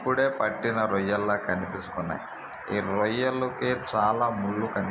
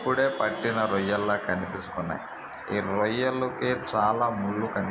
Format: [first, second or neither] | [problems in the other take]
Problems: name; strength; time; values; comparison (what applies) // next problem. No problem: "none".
first | background sound (Plucked string instrument); 18 dB below the speech